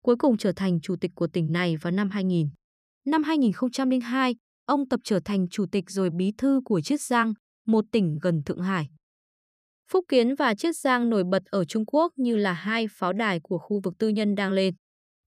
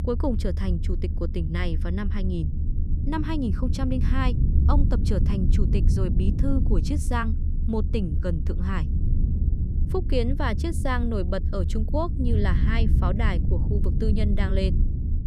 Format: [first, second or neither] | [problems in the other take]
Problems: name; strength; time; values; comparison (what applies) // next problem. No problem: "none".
first | low rumble; loud; throughout; 8 dB below the speech